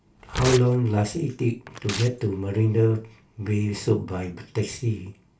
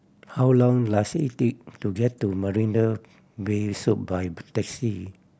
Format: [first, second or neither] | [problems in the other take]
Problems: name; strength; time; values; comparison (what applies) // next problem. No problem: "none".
second | background sound (Tearing); 12 dB below the speech // room echo; dies away in 0.3 s